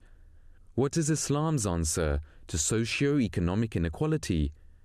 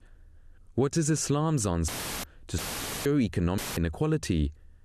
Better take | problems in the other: first | audio cutting out; filled with static; at 2 s, at 2.5 s and at 3.5 s

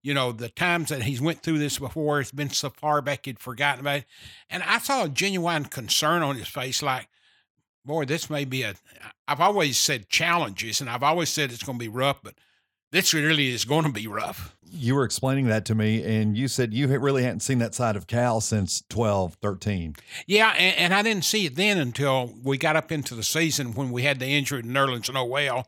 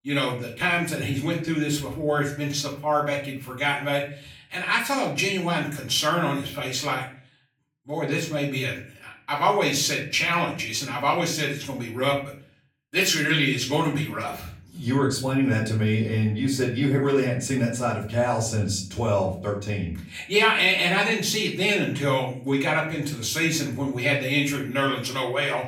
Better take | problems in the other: first | room echo; slight; dies away in 0.4 s // off-mic speech; far

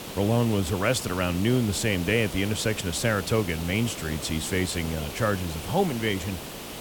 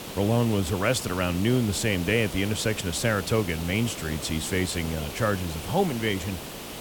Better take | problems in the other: neither | hiss; loud; throughout; 10 dB below the speech; the same in both

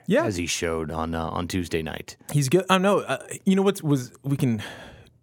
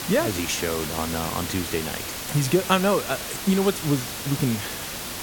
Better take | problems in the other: first | hiss; loud; throughout; 5 dB below the speech

